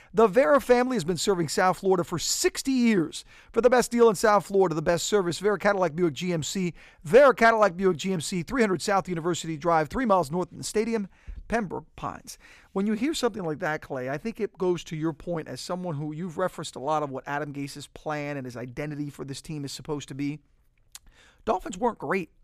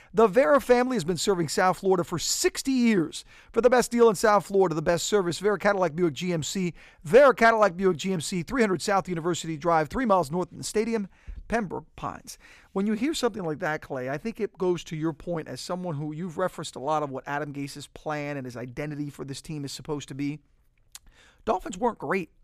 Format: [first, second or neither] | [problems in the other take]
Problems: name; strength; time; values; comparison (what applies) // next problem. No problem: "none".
neither | none